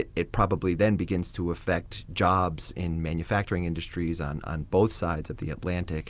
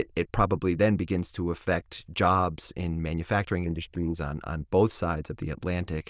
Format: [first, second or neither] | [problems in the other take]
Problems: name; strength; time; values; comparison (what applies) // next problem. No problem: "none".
first | noise reduction (neural diffusion model UNIVERSE++)